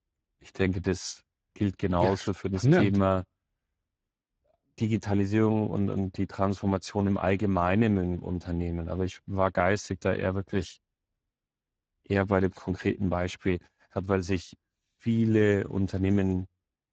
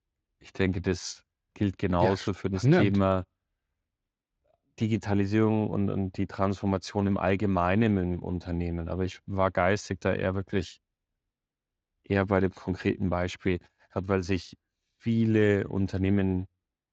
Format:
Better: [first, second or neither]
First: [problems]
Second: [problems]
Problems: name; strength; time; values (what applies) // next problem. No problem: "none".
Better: second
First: garbled, watery; badly; nothing above 7.5 kHz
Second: garbled, watery; slightly; nothing above 16 kHz